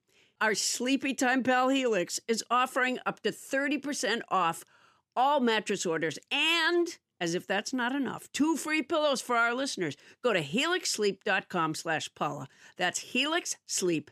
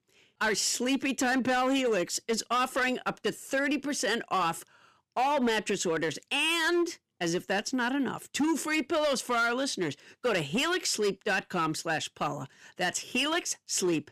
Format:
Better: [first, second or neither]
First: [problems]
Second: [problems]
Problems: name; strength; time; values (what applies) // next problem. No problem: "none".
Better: first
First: none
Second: distortion; slight; 10% of the sound clipped